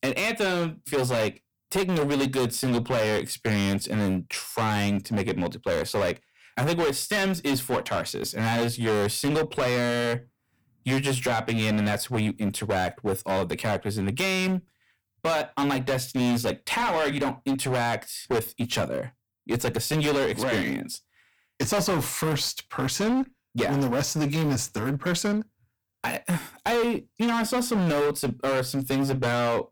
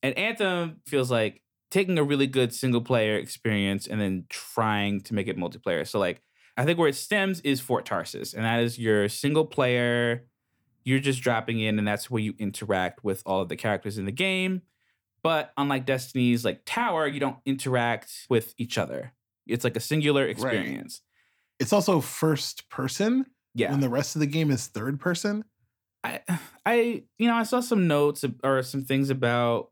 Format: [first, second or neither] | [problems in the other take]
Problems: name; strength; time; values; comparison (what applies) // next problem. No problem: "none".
second | distortion; heavy; 20% of the sound clipped